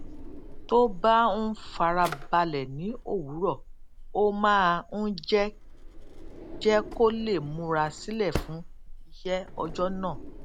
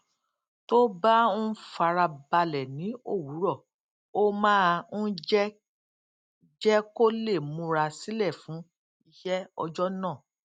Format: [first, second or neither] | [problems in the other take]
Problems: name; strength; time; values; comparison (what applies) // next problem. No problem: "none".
second | background sound (Drawer open or close); 11 dB below the speech